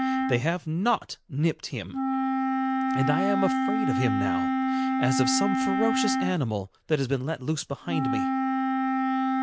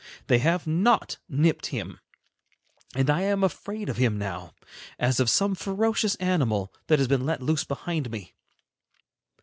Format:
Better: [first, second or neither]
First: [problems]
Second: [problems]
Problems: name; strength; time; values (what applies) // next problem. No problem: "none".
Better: second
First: background sound (Wind instrument, woodwind instrument); 2 dB above the speech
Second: none